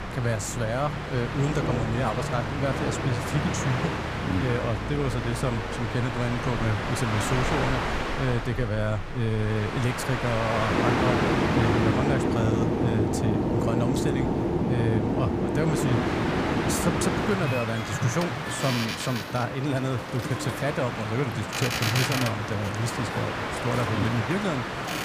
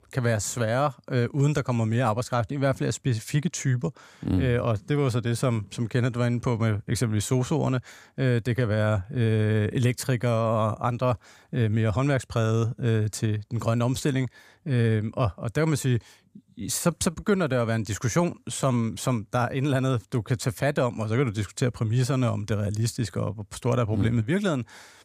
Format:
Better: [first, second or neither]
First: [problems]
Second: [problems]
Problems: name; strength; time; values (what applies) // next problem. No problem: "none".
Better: second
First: train or aircraft noise; very loud; throughout; 1 dB above the speech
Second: none